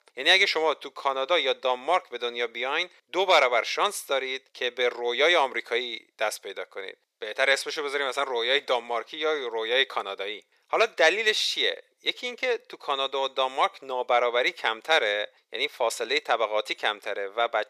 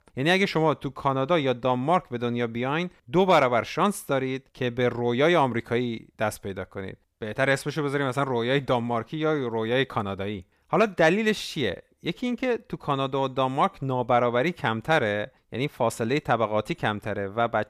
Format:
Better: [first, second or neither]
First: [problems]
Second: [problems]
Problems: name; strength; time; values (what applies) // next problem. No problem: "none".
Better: second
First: thin; very; fading below 450 Hz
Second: none